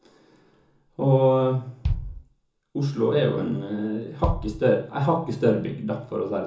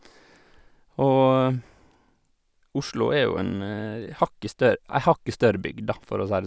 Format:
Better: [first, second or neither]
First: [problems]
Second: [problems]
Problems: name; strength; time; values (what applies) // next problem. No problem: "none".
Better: second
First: background sound (Bass drum); 8 dB below the speech // room echo; dies away in 0.6 s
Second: none